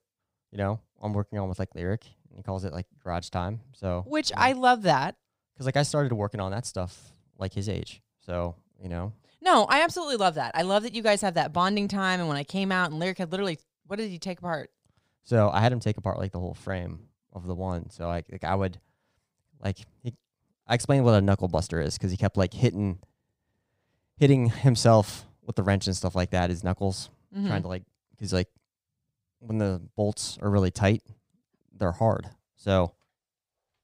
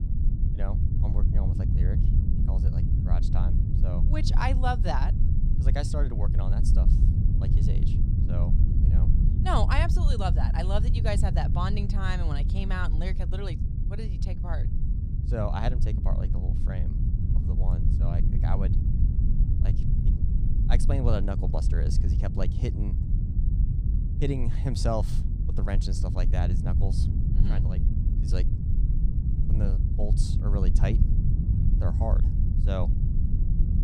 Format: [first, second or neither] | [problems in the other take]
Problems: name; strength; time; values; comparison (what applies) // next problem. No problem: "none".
first | low rumble; loud; throughout; 5 dB below the speech